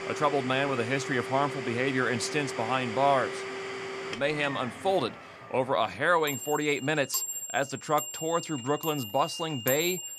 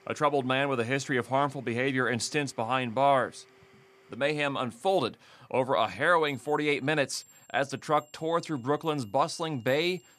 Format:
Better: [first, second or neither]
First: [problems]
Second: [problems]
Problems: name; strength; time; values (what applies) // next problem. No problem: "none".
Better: second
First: household noises; loud; throughout; 7 dB below the speech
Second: household noises; faint; throughout; 30 dB below the speech